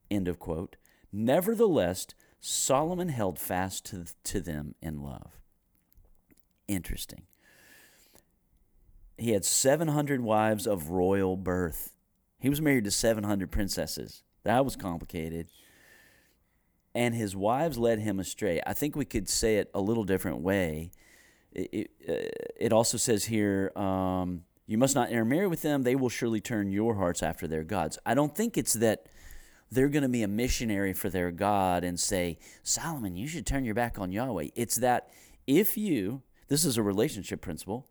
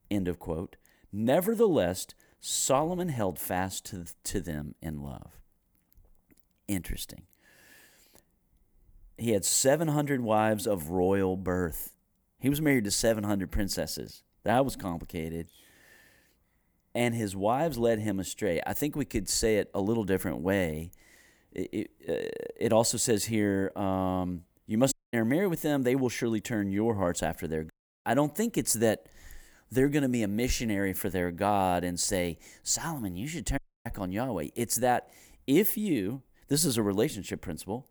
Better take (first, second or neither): first